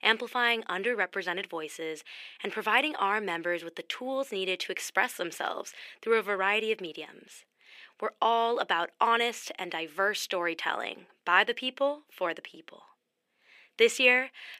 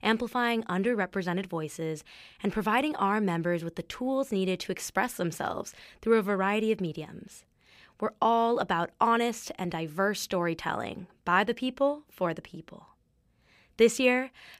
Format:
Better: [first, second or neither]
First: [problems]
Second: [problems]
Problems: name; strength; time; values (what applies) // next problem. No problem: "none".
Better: second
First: thin; somewhat; fading below 350 Hz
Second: none